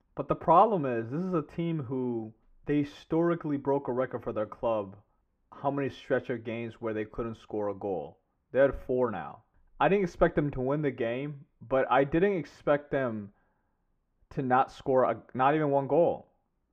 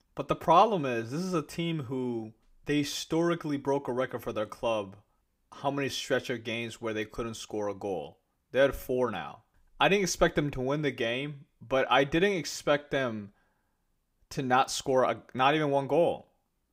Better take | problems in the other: second | muffled; very; fading above 3 kHz

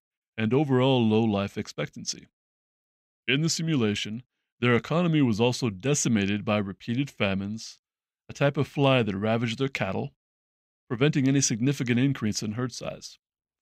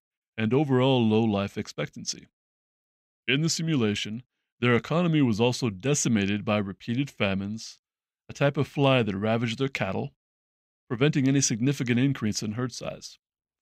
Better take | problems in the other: neither | none

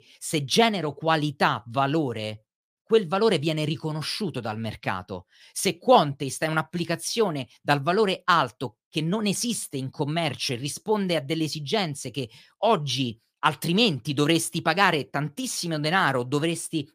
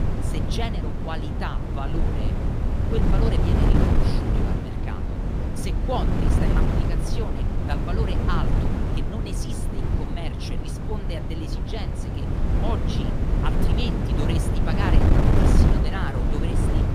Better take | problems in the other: first | wind noise on the microphone; heavy; 3 dB above the speech

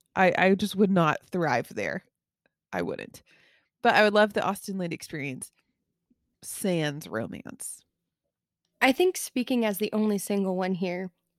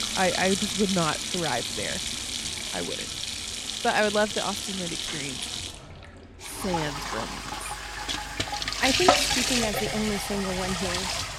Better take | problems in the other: first | household noises; very loud; throughout; 1 dB above the speech

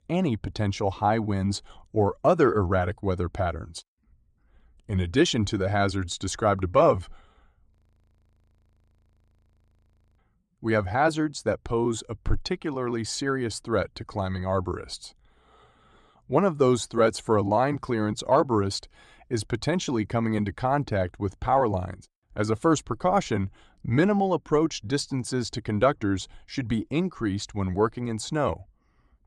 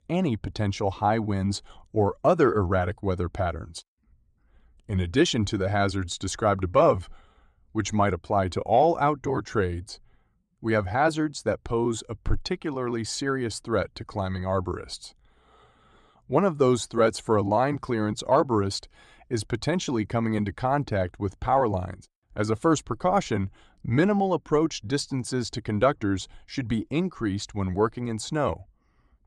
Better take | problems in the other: second | audio freezing; at 7.5 s for 2.5 s

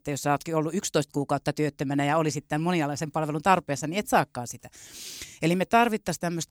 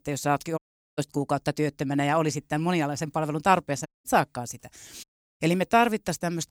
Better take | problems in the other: first | audio cutting out; at 0.5 s, at 4 s and at 5 s

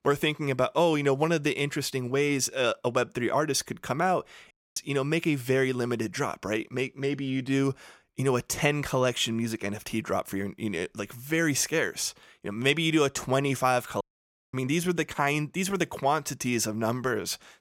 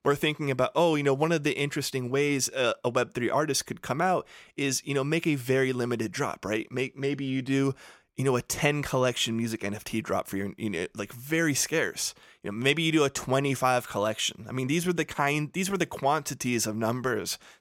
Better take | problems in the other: second | audio cutting out; at 4.5 s and at 14 s for 0.5 s

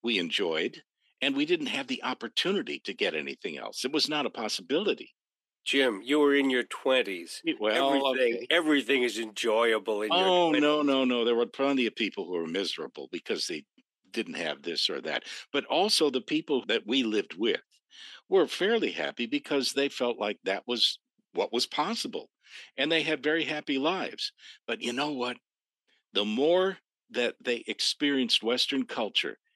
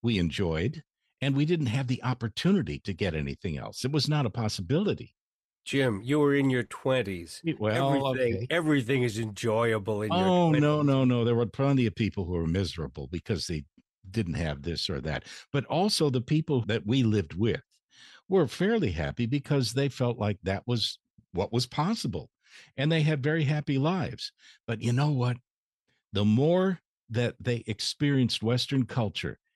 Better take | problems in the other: second | thin; somewhat; fading below 250 Hz

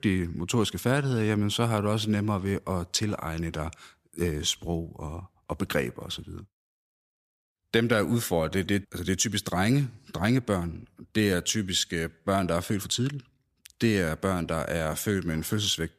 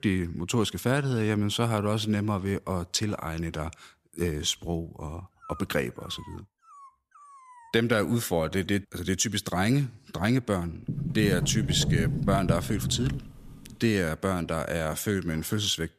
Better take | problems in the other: first | dog barking; faint; from 5.5 to 7.5 s; peak 20 dB below the speech // door banging; loud; from 11 to 13 s; peak 2 dB above the speech

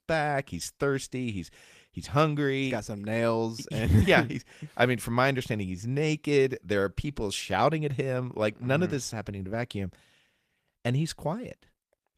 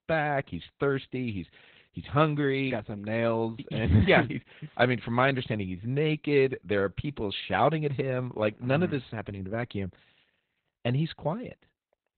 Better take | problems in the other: first | garbled, watery; badly; nothing above 4 kHz; slightly in the first

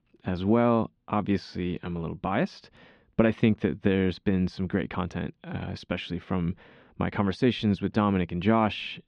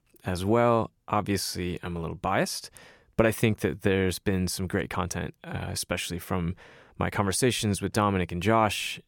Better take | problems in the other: second | muffled; slightly; fading above 3.5 kHz

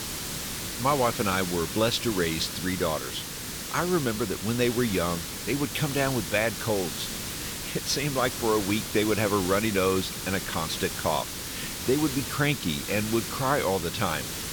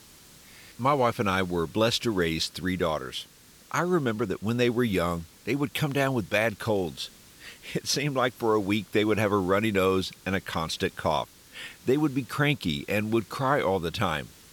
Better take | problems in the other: second | hiss; loud; throughout; 5 dB below the speech; faint in the second

